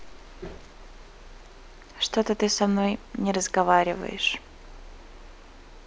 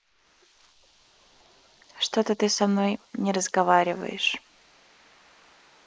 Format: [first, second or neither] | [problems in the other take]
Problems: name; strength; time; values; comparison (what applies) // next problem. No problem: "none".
first | noise reduction (neural mask model Resemble Enhance denoiser)